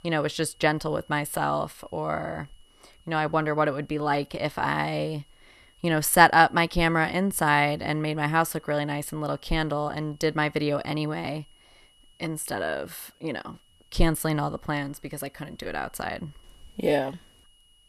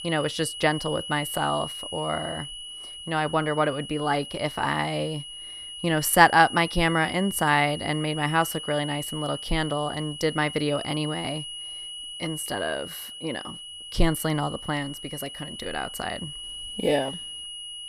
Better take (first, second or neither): first